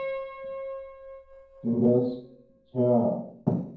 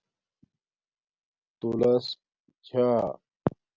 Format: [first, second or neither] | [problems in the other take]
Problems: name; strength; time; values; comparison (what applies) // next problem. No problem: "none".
second | noise reduction (neural separator model SepFormer DNS4)